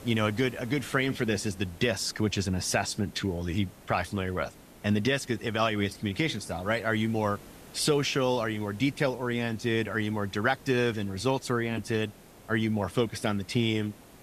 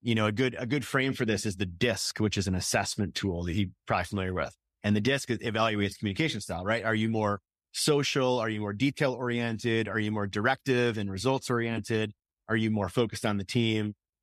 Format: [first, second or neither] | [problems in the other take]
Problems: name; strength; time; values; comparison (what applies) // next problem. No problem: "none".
second | hiss; faint; throughout; 20 dB below the speech